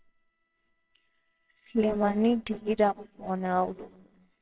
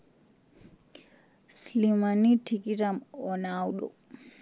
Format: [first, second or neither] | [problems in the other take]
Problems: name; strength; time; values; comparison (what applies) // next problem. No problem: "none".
second | noise reduction (neural separator model SepFormer WHAMR!)